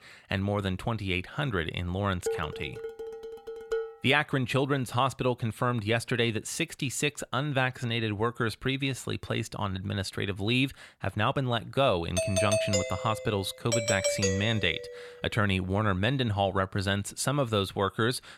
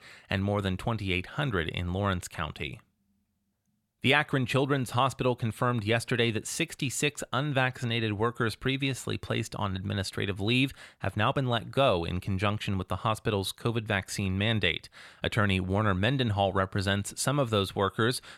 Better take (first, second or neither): second